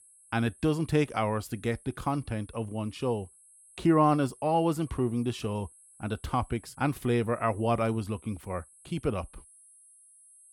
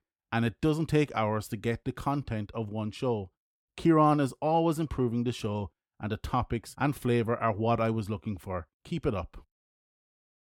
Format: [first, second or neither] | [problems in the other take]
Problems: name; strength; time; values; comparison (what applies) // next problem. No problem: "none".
second | high-pitched whine; faint; throughout; 10.5 kHz, 25 dB below the speech